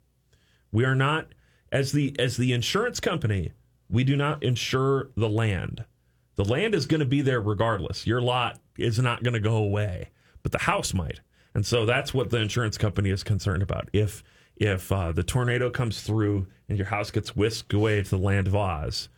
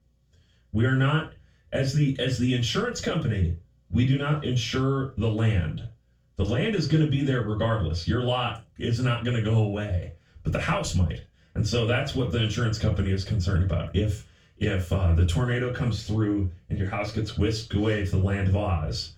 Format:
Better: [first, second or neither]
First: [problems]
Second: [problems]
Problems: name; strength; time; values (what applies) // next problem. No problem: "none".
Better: first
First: none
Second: room echo; slight; dies away in 0.2 s // off-mic speech; far